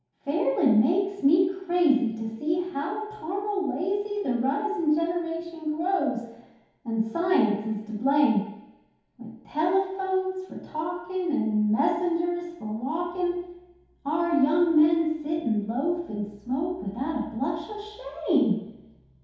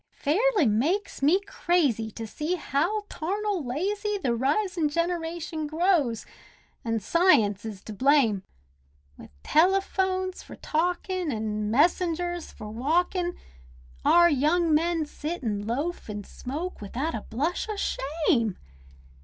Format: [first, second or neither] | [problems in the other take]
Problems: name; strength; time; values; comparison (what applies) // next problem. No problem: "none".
second | room echo; dies away in 0.8 s